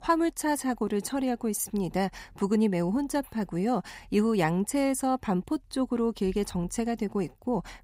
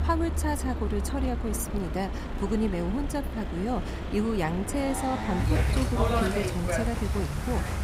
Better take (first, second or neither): first